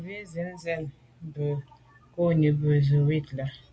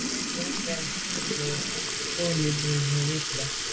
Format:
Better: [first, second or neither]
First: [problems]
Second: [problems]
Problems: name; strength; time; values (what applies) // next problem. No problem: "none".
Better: first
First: none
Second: background sound (Sink (filling or washing) / Liquid); 1 dB above the speech